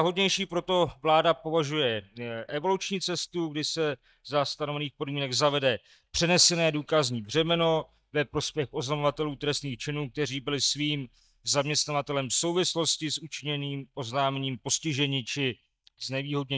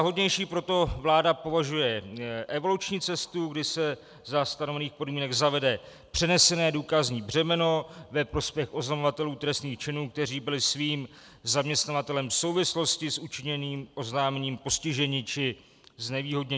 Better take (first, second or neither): second